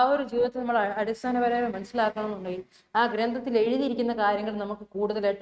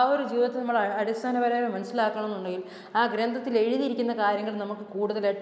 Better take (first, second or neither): second